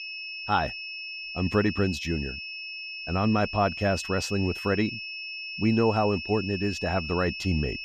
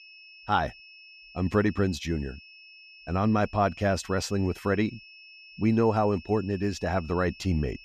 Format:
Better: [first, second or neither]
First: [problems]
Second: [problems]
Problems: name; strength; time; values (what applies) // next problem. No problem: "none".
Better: second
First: high-pitched whine; loud; throughout; 2.5 kHz, 7 dB below the speech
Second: high-pitched whine; faint; throughout; 2.5 kHz, 20 dB below the speech